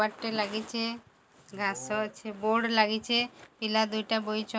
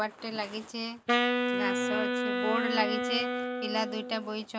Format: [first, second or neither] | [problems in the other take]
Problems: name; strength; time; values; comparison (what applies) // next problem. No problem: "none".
first | background sound (Wind instrument, woodwind instrument); 3 dB above the speech